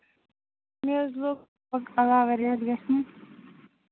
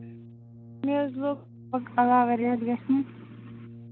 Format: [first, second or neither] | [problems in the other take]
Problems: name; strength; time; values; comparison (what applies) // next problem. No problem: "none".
first | background sound (Brass instrument); 17 dB below the speech